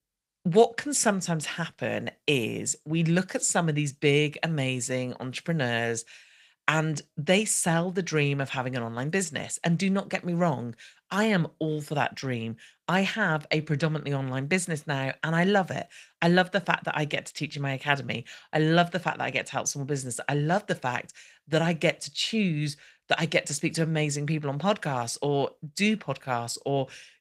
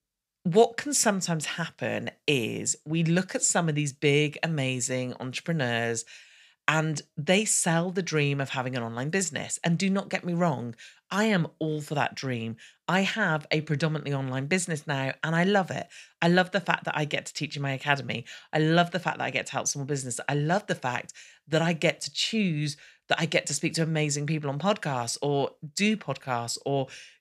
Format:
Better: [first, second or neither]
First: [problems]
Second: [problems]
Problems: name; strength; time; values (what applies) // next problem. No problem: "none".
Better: second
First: garbled, watery; slightly; nothing above 15.5 kHz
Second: none